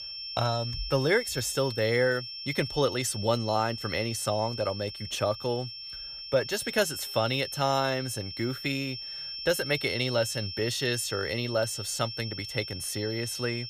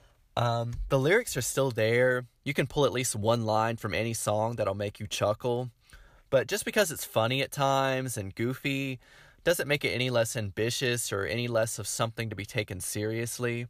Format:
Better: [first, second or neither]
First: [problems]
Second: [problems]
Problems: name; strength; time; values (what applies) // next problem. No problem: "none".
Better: second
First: high-pitched whine; loud; throughout; 5.5 kHz, 7 dB below the speech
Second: none